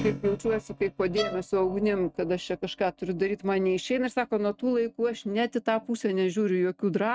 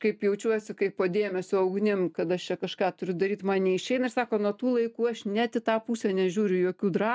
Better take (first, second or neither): second